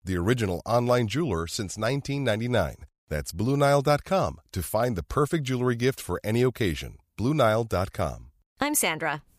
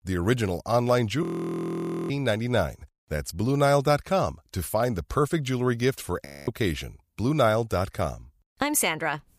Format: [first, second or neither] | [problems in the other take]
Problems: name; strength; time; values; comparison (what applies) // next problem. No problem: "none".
first | audio freezing; at 1 s for 1 s and at 6.5 s